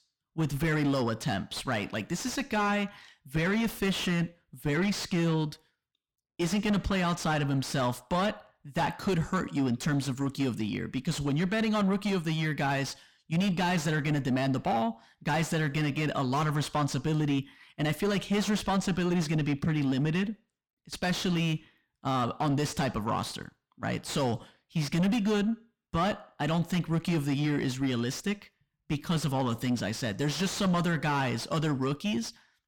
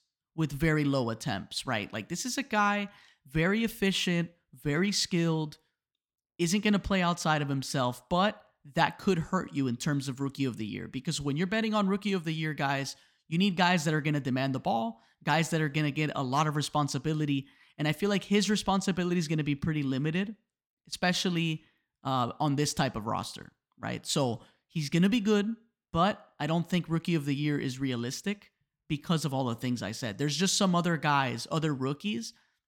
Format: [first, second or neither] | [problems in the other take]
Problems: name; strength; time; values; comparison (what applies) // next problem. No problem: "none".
second | distortion; heavy; 7 dB below the speech